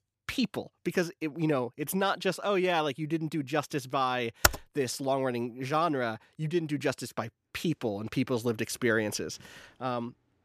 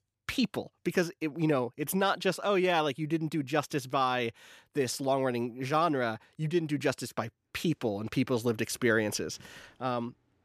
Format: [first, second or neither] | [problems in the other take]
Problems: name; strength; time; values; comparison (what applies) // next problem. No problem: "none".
second | keyboard typing; very faint; at 4.5 s; peak 5 dB above the speech